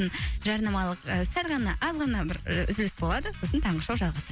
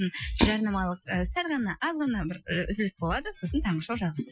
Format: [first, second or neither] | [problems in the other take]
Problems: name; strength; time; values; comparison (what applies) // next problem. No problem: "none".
first | noise reduction (classical method Wiener filter)